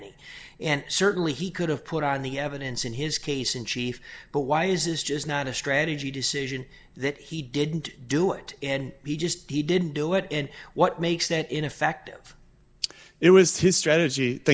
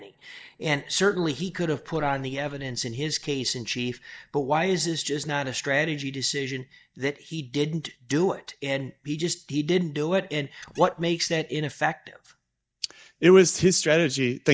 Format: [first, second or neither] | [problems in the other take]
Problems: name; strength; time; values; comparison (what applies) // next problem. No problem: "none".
first | noise reduction (neural mask model DeepFilterNet 3)